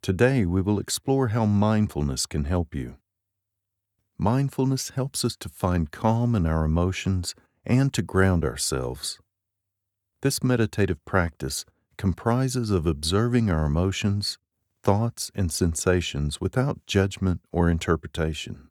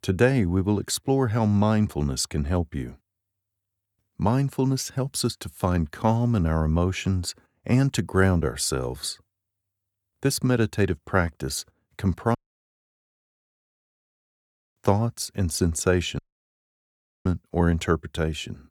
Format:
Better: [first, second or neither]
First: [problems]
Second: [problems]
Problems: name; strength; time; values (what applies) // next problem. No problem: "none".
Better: first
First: none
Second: audio cutting out; at 12 s for 2.5 s and at 16 s for 1 s